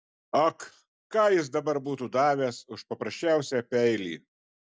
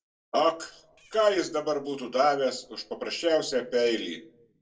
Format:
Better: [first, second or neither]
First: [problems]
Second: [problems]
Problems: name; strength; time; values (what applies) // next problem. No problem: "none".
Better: first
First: none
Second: noise reduction (neural separator model SepFormer DNS4)